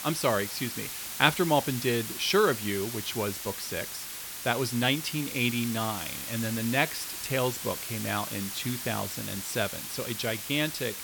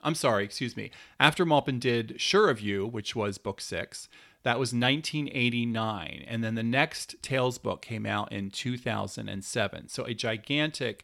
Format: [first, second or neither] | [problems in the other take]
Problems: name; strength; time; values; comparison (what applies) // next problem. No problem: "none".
second | hiss; loud; throughout; 5 dB below the speech